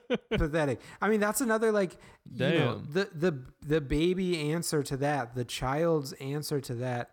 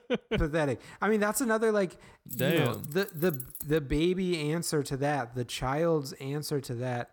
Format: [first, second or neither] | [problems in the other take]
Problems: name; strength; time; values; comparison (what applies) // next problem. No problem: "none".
first | jangling keys; noticeable; from 2.5 to 4 s; peak 8 dB below the speech